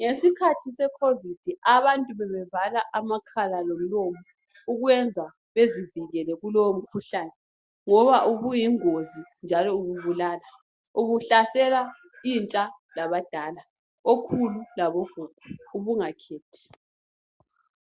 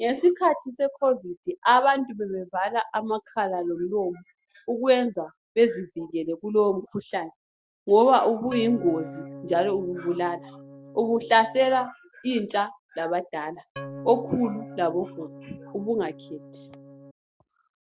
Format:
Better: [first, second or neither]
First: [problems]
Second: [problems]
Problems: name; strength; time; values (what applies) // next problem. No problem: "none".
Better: first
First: none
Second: background sound (Organ); 15 dB below the speech